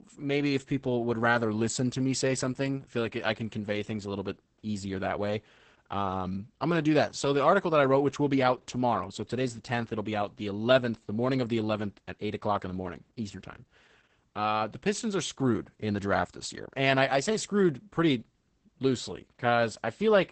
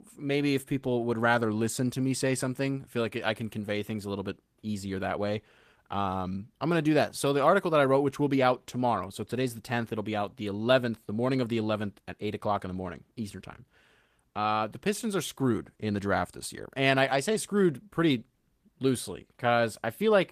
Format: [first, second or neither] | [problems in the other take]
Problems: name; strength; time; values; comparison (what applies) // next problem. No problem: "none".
second | garbled, watery; badly; nothing above 8 kHz; slightly in the second